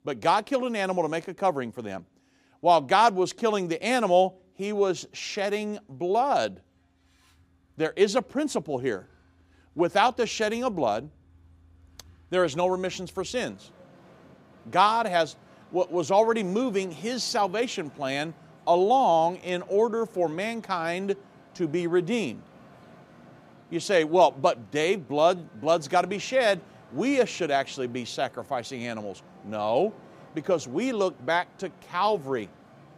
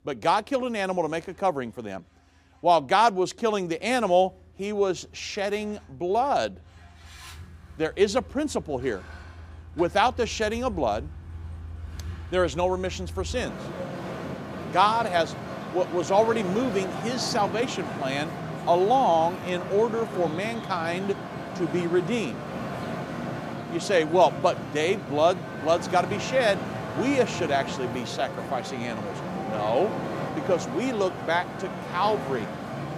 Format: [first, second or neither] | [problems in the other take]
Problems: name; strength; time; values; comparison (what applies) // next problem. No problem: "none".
first | traffic noise; loud; throughout; 9 dB below the speech; faint in the first